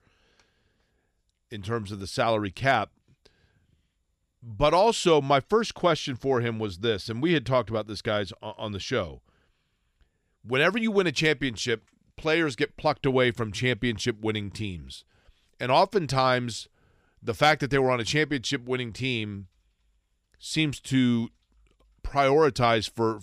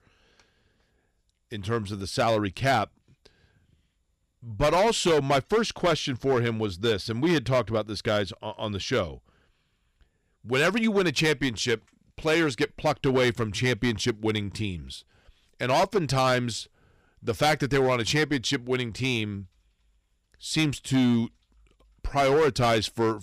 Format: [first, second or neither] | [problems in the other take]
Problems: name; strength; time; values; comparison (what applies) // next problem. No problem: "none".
first | distortion; slight; 6% of the sound clipped